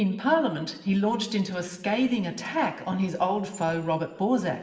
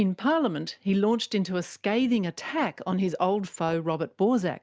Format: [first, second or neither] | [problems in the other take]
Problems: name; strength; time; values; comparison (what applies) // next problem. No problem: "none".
second | room echo; dies away in 1.1 s